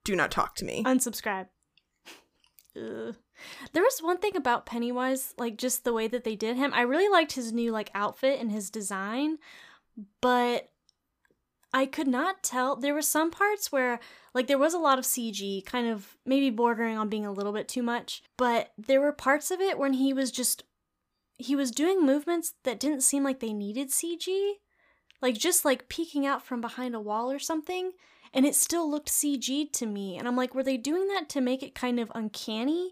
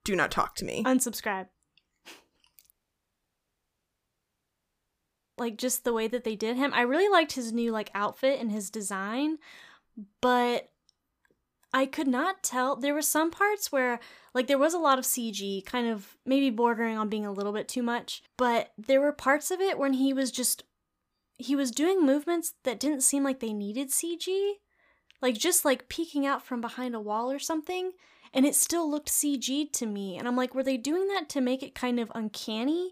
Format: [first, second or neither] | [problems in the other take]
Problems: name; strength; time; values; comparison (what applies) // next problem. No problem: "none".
first | audio cutting out; at 2.5 s for 2.5 s